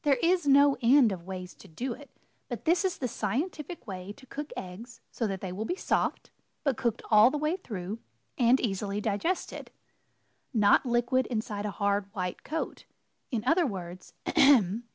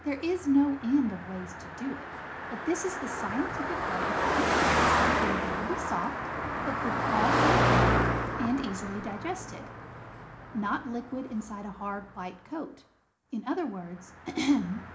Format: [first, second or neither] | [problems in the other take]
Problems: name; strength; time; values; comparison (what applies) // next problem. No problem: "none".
first | background sound (Car passing by); 2 dB above the speech // room echo; dies away in 0.4 s